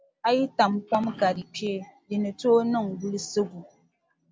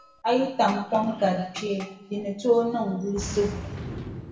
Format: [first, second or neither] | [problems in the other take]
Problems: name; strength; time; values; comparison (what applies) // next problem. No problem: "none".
first | background sound (Boom); 13 dB below the speech // room echo; dies away in 1 s